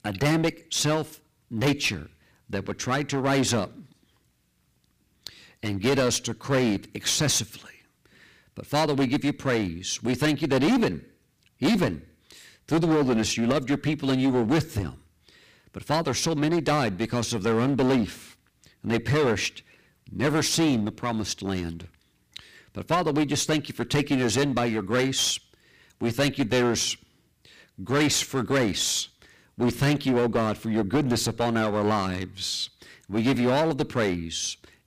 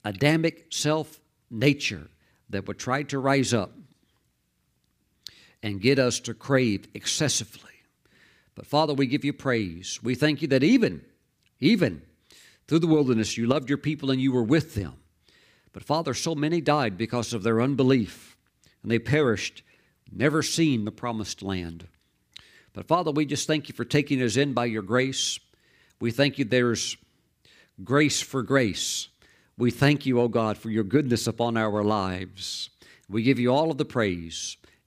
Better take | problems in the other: second | distortion; heavy; 11% of the sound clipped

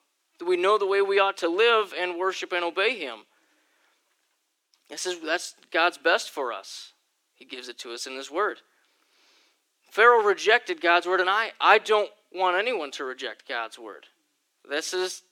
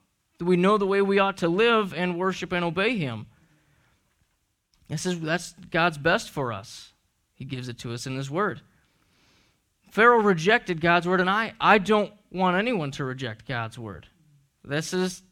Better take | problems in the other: second | thin; very; fading below 350 Hz

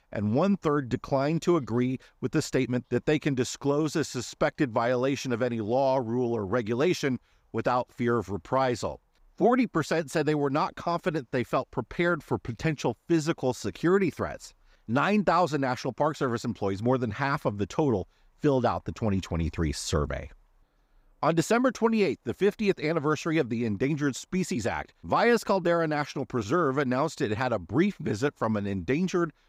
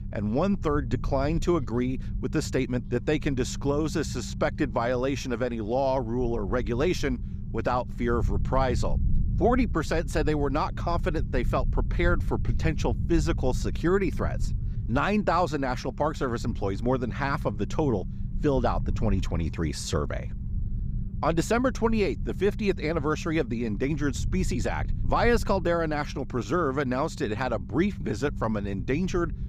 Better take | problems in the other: first | low rumble; noticeable; throughout; 20 dB below the speech

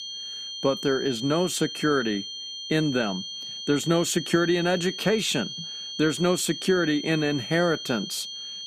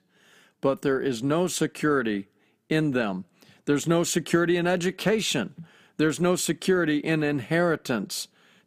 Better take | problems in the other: second | high-pitched whine; loud; throughout; 3 kHz, 8 dB below the speech

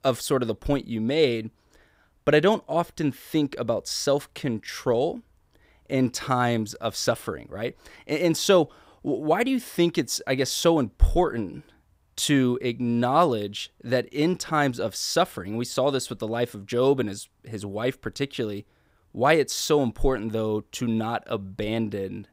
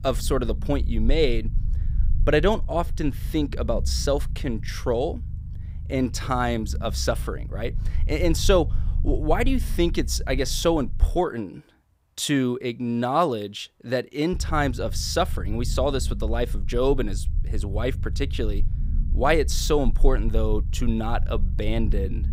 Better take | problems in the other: first | low rumble; faint; until 11 s and from 14 s on; 20 dB below the speech

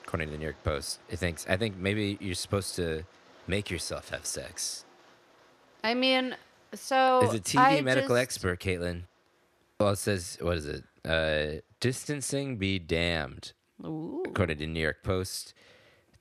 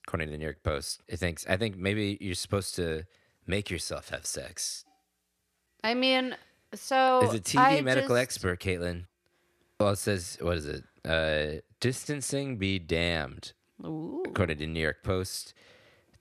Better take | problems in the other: second | rain or running water; faint; throughout; 30 dB below the speech

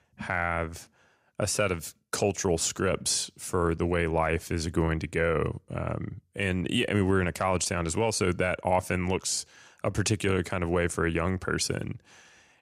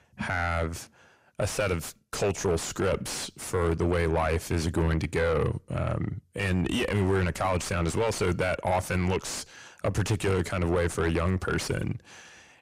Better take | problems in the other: first | distortion; heavy; 5 dB below the speech

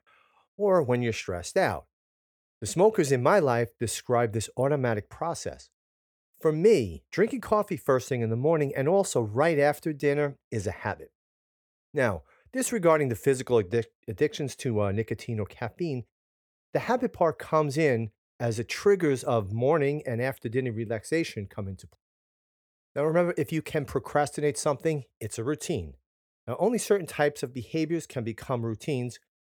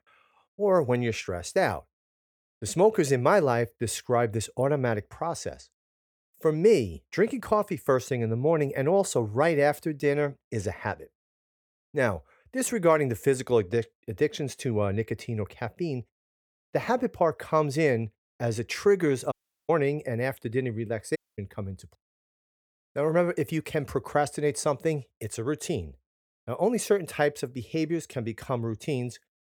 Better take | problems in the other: first | audio cutting out; at 19 s and at 21 s

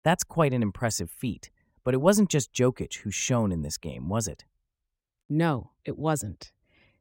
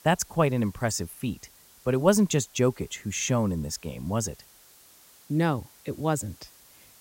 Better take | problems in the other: first | hiss; faint; throughout; 25 dB below the speech

